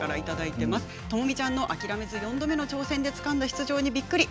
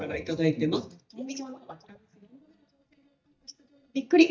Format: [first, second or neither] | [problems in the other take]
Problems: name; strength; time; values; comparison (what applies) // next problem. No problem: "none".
first | noise reduction (neural mask model DeepFilterNet 3)